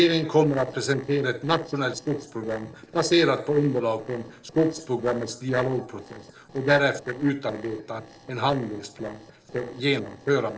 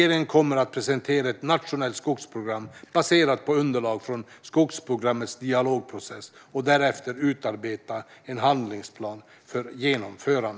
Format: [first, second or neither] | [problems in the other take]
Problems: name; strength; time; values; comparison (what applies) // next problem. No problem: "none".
second | noise reduction (neural separator model SepFormer DNS4)